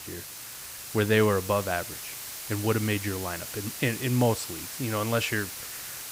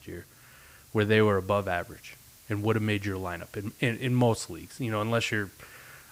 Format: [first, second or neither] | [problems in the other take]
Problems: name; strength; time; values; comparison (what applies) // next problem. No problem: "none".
second | hiss; loud; throughout; 8 dB below the speech; faint in the second